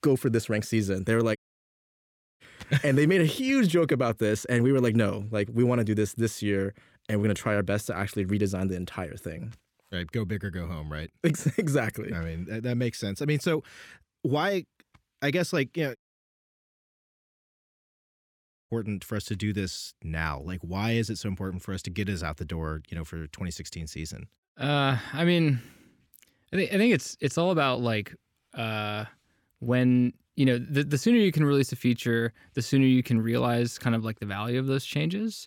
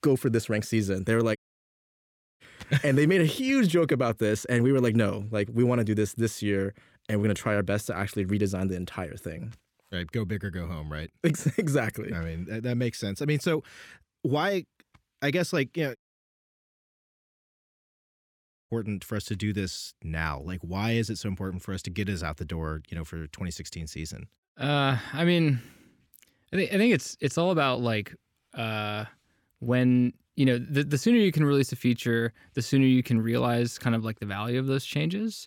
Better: neither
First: audio cutting out; at 1.5 s for 1 s and at 16 s for 2.5 s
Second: audio cutting out; at 1.5 s for 1 s and at 16 s for 2.5 s

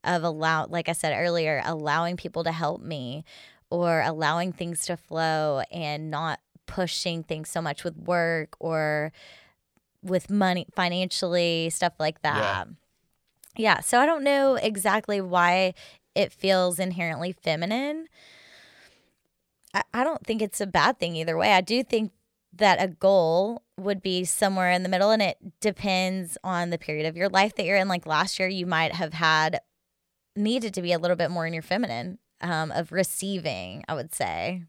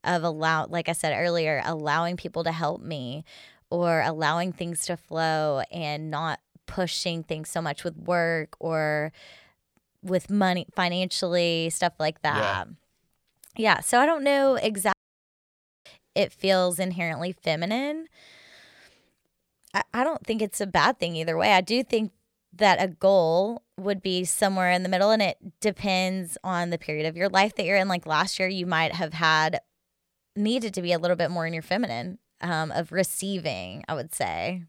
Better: first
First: none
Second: audio cutting out; at 15 s for 1 s

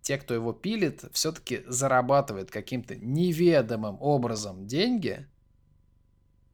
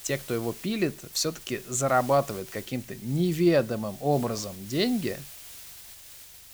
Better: first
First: none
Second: hiss; noticeable; throughout; 15 dB below the speech

